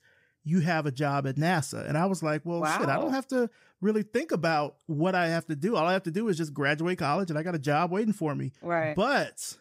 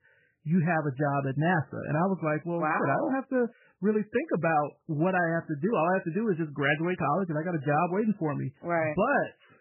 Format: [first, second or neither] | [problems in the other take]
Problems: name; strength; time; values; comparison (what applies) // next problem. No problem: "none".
first | garbled, watery; badly; nothing above 3 kHz